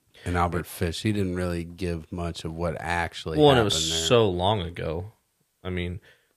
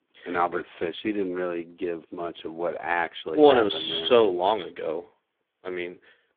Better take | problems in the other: first | phone-call audio; poor line; nothing above 3.5 kHz

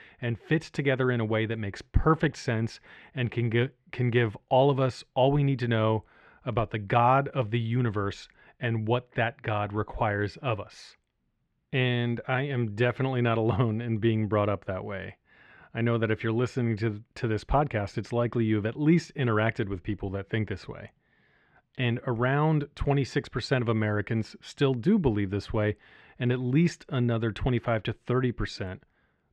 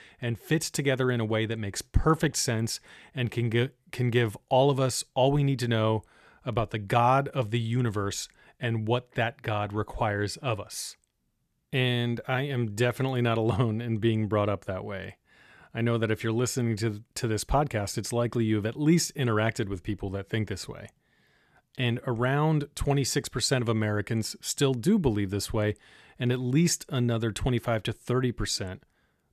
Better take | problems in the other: second | muffled; slightly; fading above 2.5 kHz

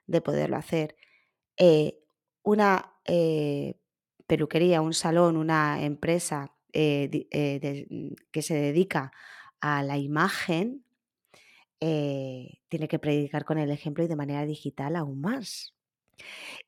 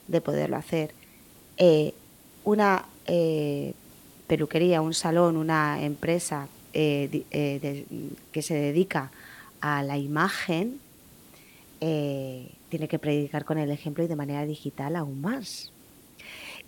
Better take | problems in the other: first | hiss; faint; throughout; 25 dB below the speech

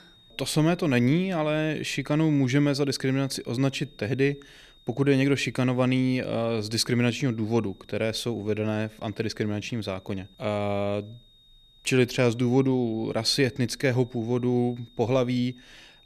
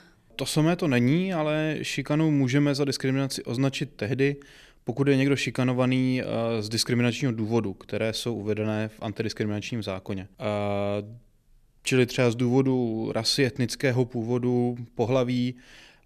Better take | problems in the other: second | high-pitched whine; faint; throughout; 3.5 kHz, 30 dB below the speech

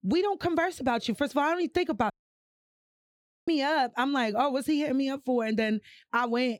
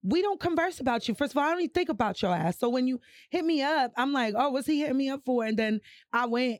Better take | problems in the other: second | audio cutting out; at 2 s for 1.5 s

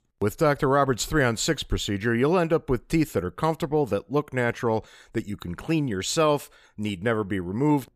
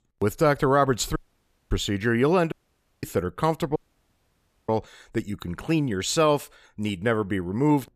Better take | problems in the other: first | audio cutting out; at 1 s for 0.5 s, at 2.5 s for 0.5 s and at 4 s for 1 s

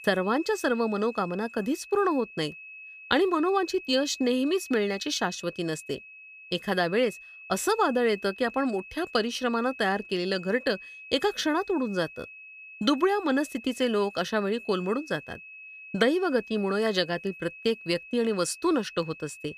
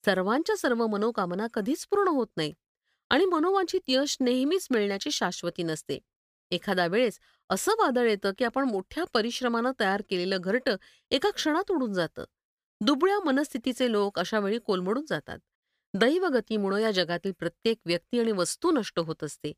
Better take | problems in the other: second | high-pitched whine; noticeable; throughout; 2.5 kHz, 15 dB below the speech

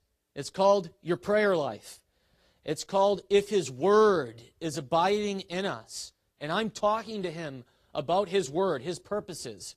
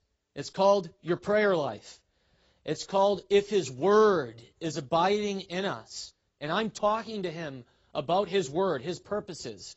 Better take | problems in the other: first | garbled, watery; badly; nothing above 7.5 kHz; slightly in the first

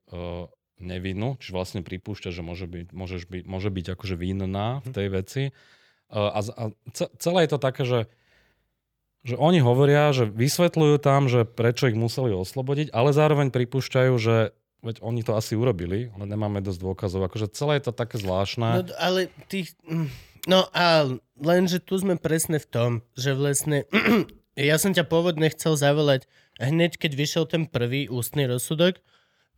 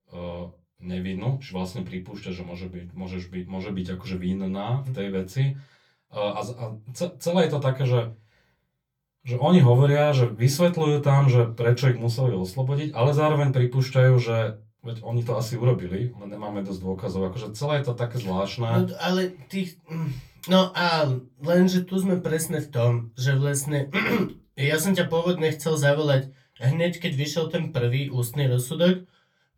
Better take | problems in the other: first | off-mic speech; far // room echo; very slight; dies away in 0.2 s

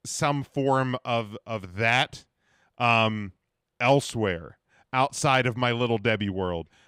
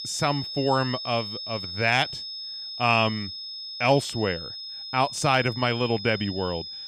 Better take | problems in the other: first | high-pitched whine; loud; throughout; 5 kHz, 8 dB below the speech

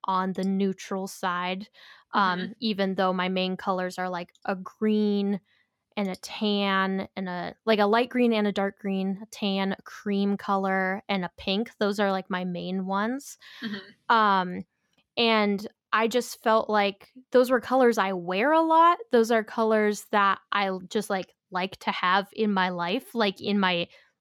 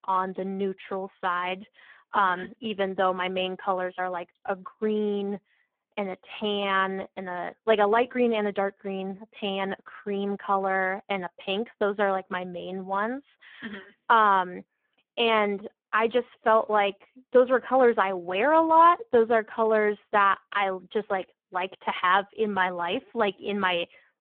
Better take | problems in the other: first | phone-call audio; poor line

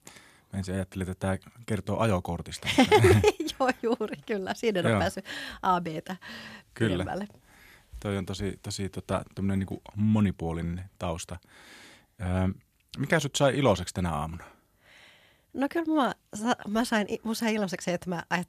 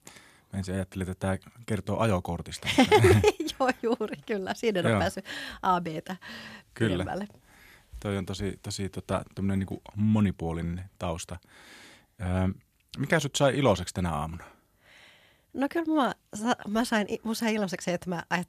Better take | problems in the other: neither | none

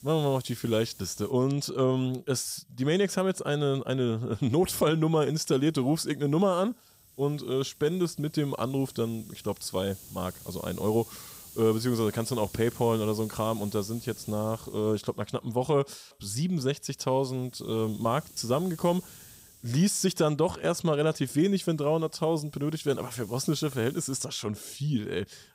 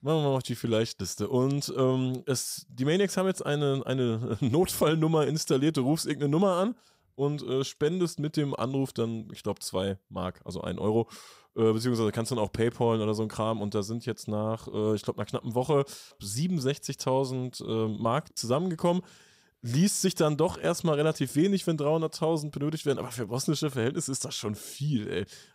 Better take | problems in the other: second | hiss; noticeable; throughout; 20 dB below the speech

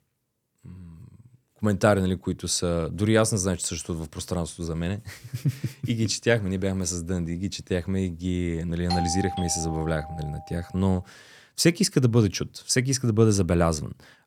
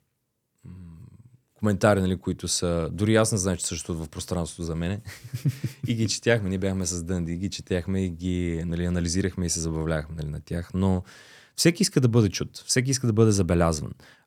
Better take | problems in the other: second | doorbell; noticeable; from 9 to 10 s; peak 4 dB below the speech

